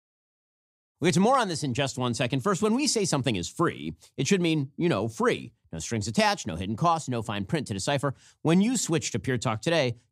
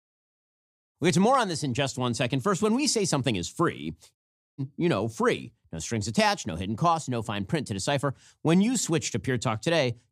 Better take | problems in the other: first | audio cutting out; at 4 s

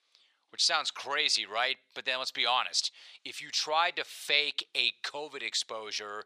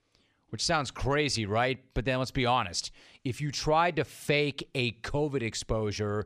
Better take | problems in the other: second | thin; very; fading below 850 Hz

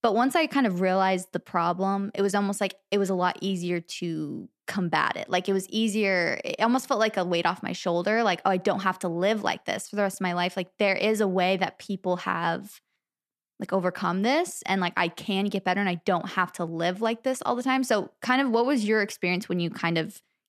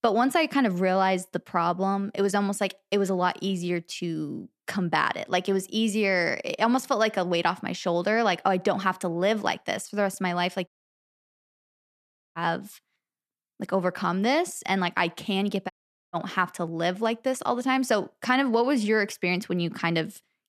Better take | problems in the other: first | audio cutting out; at 11 s for 1.5 s and at 16 s

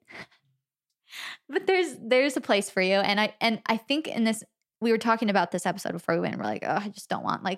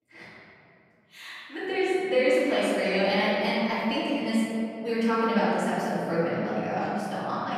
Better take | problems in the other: first | room echo; strong; dies away in 2.6 s // off-mic speech; far

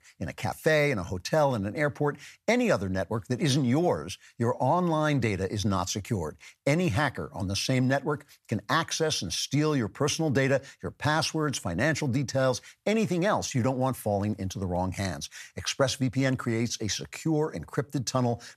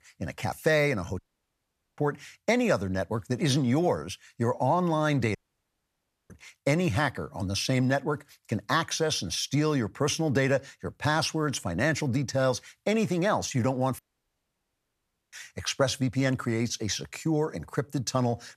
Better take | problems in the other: first | audio cutting out; at 1 s for 1 s, at 5.5 s for 1 s and at 14 s for 1.5 s

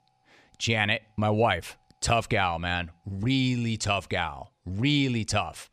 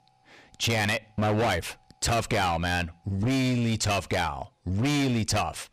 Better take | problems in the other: first | distortion; heavy; 19% of the sound clipped

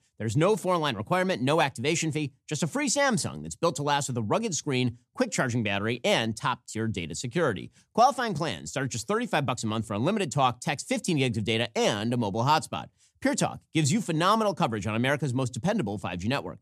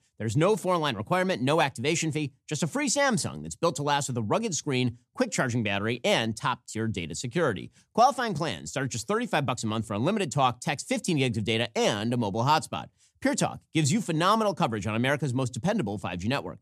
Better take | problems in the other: neither | none

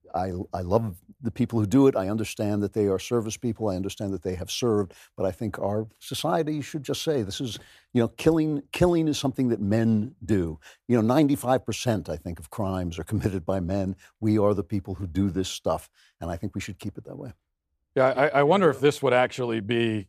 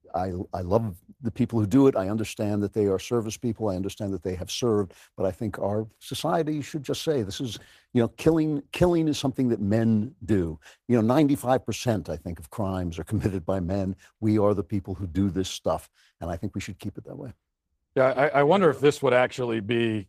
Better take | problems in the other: first | garbled, watery; slightly; nothing above 14.5 kHz

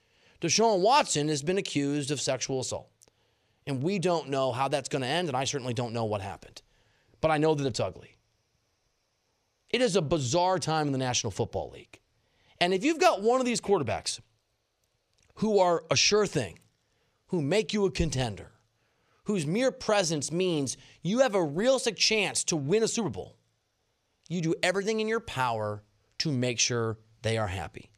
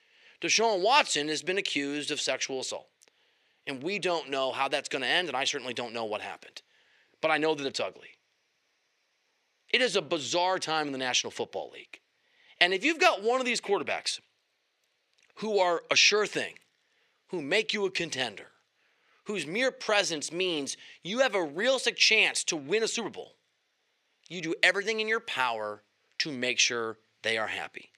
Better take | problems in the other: first | thin; very slightly; fading below 300 Hz

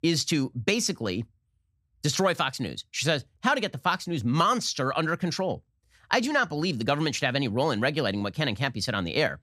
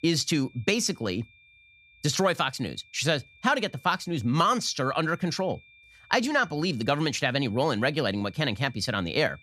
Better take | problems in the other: first | high-pitched whine; faint; throughout; 2.5 kHz, 25 dB below the speech

